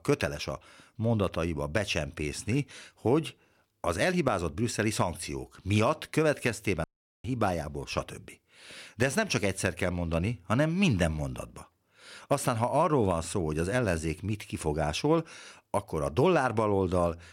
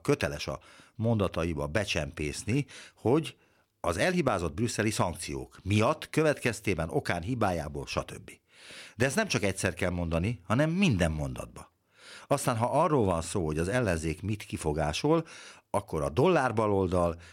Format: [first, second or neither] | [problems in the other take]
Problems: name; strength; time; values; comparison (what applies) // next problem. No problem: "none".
second | audio cutting out; at 7 s